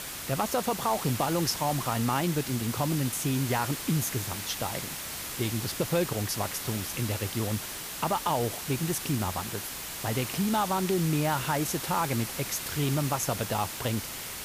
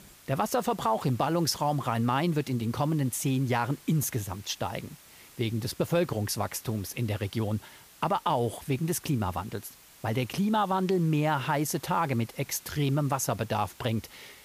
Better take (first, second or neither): second